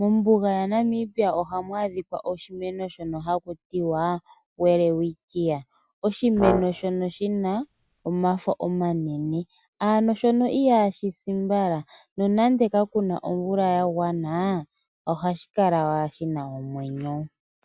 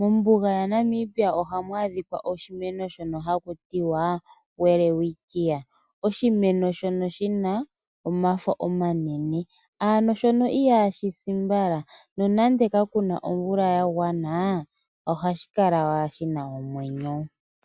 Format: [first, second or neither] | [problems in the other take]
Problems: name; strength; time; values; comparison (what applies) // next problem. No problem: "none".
second | background sound (Brass instrument); 6 dB below the speech